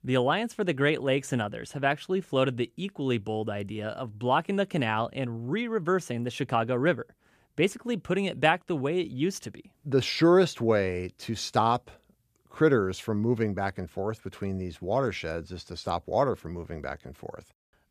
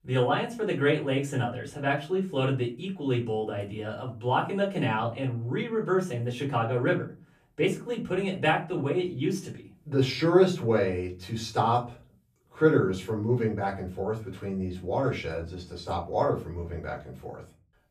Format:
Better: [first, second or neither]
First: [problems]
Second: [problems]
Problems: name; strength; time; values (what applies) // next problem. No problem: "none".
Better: first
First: none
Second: off-mic speech; far // room echo; very slight; dies away in 0.3 s